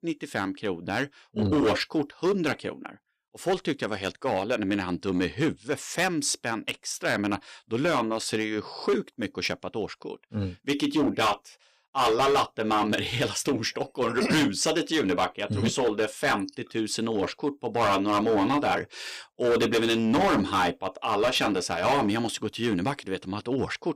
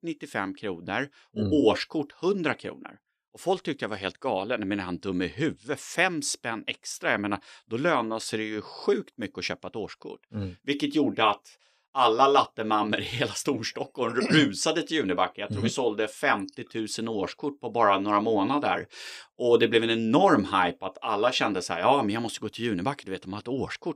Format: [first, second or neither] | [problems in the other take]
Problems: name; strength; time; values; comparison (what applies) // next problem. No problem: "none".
second | distortion; heavy; 8% of the sound clipped